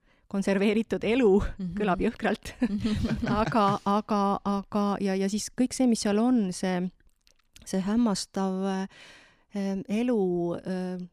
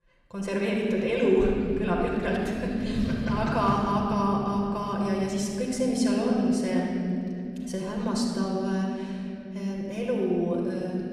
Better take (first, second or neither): first